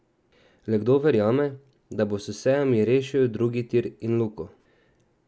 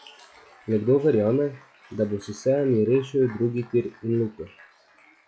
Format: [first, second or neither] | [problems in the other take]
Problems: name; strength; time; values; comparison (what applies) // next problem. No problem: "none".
first | noise reduction (classical method log-MMSE)